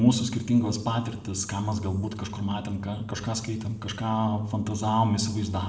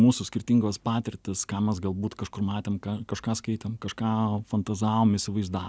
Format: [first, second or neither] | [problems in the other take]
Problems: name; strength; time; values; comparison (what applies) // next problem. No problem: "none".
second | room echo; dies away in 0.9 s